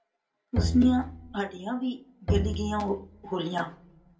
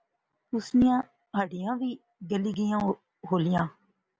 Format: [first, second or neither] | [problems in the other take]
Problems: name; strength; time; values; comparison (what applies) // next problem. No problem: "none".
second | background sound (Bowed string instrument); 3 dB below the speech // room echo; dies away in 0.2 s